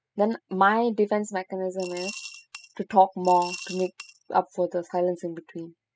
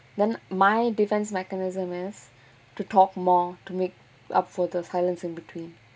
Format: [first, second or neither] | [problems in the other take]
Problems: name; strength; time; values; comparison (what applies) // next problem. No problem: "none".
second | noise reduction (classical method spectral subtraction)